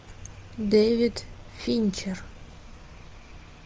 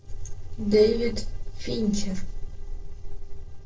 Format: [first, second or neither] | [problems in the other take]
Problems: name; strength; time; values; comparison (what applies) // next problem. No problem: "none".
first | noise reduction (neural separator model SepFormer DNS4)